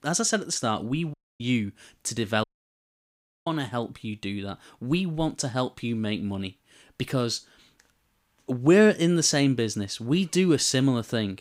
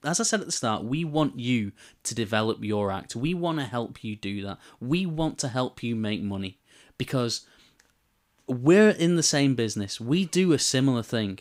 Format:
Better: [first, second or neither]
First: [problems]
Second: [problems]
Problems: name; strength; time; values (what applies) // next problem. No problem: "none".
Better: second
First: audio cutting out; at 1 s and at 2.5 s for 1 s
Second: none